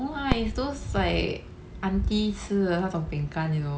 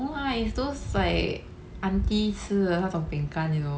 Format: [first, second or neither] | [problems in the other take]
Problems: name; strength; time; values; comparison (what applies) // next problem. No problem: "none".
second | background sound (Fireworks); 11 dB below the speech